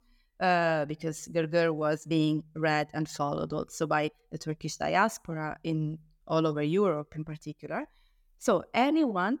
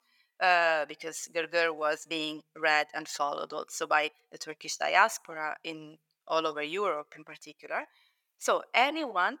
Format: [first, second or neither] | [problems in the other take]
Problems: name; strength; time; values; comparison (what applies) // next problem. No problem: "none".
first | thin; very; fading below 700 Hz